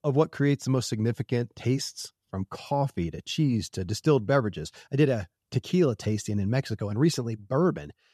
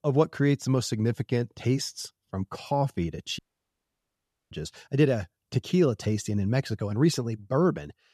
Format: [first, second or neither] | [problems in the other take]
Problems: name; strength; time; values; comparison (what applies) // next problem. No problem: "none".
first | audio cutting out; at 3.5 s for 1 s